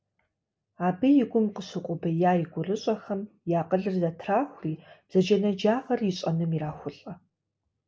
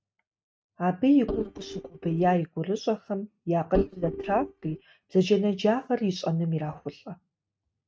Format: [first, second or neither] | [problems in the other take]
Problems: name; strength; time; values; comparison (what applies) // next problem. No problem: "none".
first | noise reduction (neural mask model RNNoise)